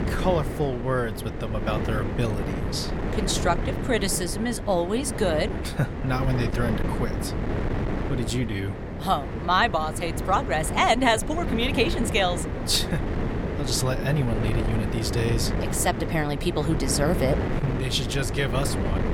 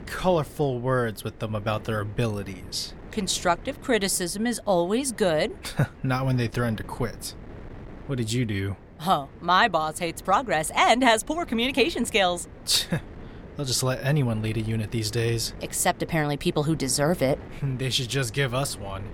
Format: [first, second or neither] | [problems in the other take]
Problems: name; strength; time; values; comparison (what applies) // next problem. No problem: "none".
second | wind noise on the microphone; heavy; 7 dB below the speech; occasional gusts in the second